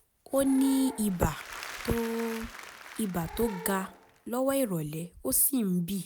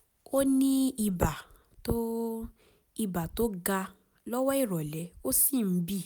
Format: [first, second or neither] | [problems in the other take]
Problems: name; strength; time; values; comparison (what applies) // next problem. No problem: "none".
second | background sound (Applause / Crowd + Animal / Brass instrument); 15 dB below the speech